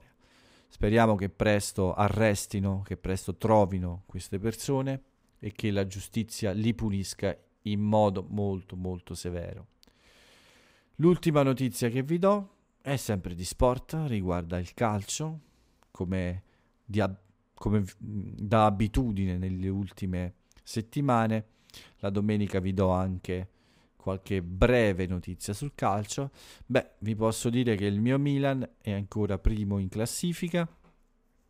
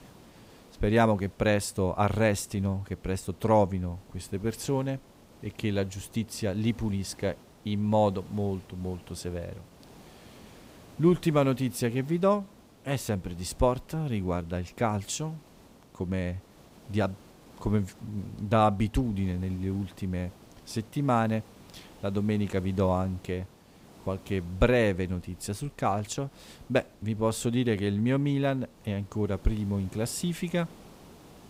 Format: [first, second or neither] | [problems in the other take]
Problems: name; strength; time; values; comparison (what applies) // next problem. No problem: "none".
first | hiss; faint; throughout; 25 dB below the speech